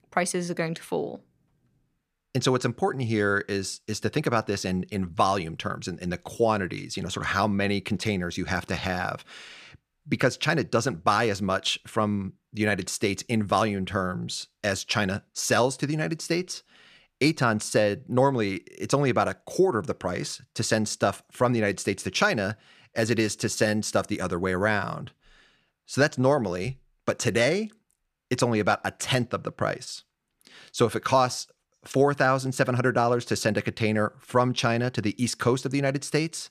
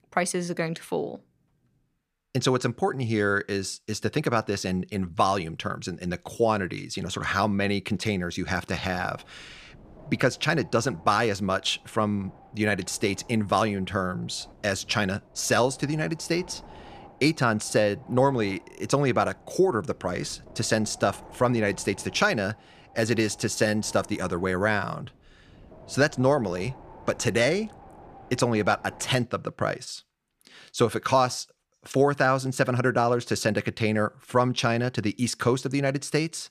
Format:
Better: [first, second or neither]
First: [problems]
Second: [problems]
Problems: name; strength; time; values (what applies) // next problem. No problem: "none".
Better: first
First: none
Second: wind noise on the microphone; occasional gusts; from 9 to 29 s; 25 dB below the speech